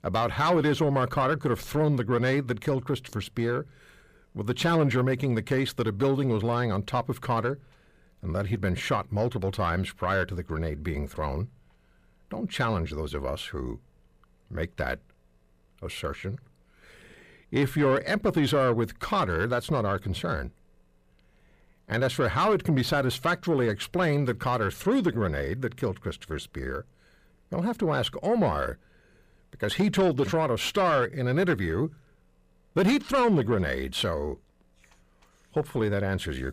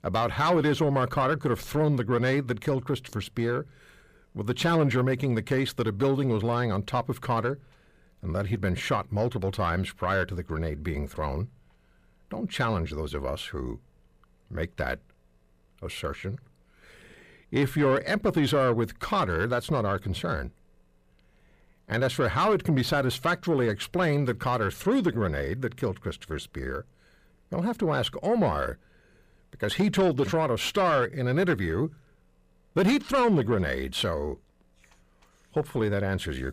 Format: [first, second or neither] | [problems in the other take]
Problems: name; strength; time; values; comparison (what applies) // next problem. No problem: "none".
neither | distortion; slight; 10 dB below the speech; the same in both